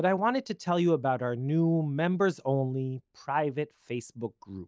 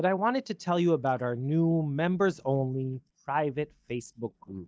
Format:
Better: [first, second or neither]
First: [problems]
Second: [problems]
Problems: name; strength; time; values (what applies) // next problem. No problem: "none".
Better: first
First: none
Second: noise reduction (neural mask model DeepFilterNet 3)